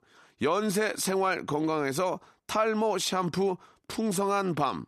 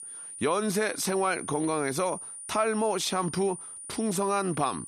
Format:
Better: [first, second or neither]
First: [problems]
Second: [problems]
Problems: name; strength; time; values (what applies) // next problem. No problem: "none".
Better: first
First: none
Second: high-pitched whine; noticeable; throughout; 9.5 kHz, 10 dB below the speech